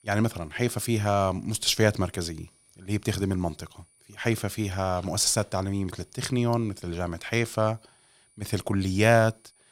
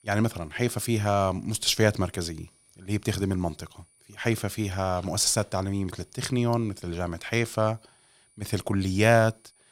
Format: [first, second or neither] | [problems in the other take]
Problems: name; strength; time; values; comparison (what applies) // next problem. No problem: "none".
neither | high-pitched whine; faint; throughout; 9.5 kHz, 35 dB below the speech; the same in both